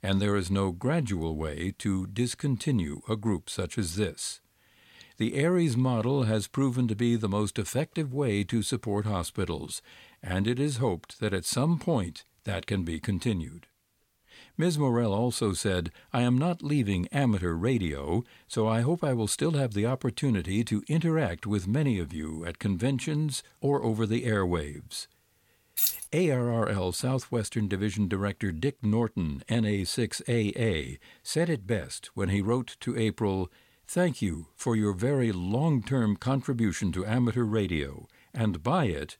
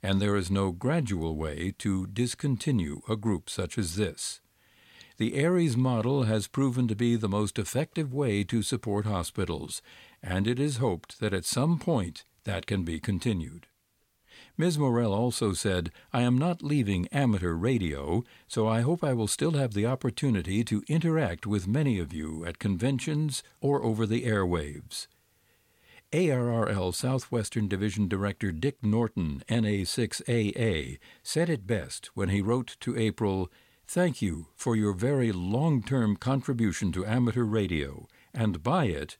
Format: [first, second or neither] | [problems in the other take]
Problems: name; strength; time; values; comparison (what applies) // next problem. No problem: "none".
second | jangling keys; loud; at 26 s; peak 3 dB above the speech